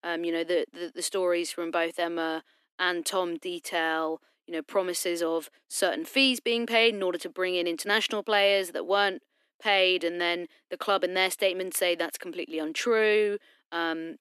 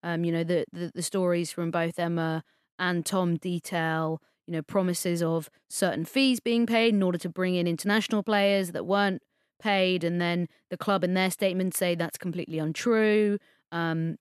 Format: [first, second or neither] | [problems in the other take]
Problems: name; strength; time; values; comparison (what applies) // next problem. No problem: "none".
second | thin; somewhat; fading below 300 Hz